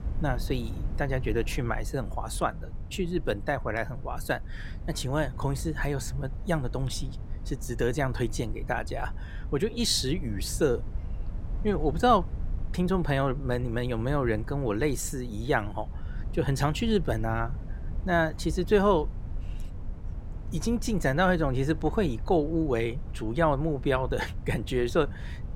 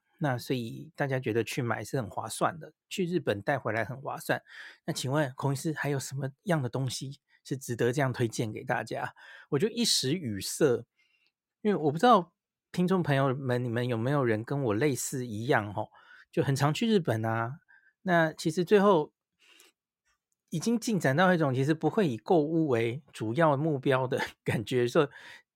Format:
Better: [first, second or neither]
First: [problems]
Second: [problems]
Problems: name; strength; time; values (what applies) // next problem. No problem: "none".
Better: second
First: low rumble; faint; throughout; 20 dB below the speech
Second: none